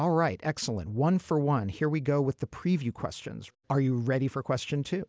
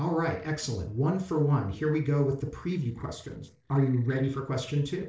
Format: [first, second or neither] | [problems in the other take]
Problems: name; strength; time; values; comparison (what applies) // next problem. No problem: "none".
first | noise reduction (neural separator model SepFormer DNS4)